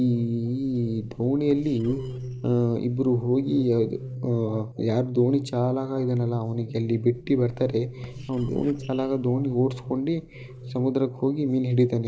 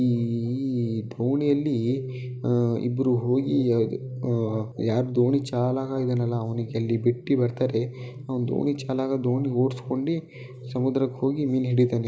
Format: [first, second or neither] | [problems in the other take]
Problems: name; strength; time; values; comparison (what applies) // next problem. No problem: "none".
second | noise reduction (neural separator model SepFormer DNS4)